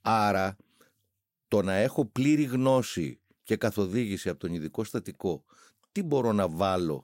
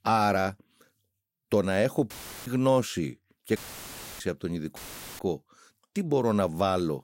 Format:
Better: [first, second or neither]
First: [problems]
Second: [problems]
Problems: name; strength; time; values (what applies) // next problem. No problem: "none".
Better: first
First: none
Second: audio cutting out; filled with static; at 2 s, at 3.5 s for 0.5 s and at 5 s